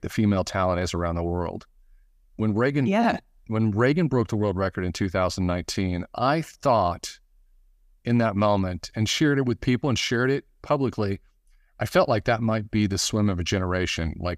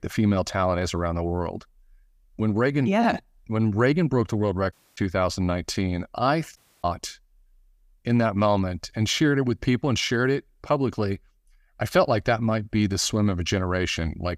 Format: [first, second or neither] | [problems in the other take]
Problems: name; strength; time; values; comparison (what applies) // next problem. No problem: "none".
first | audio cutting out; at 4.5 s and at 6.5 s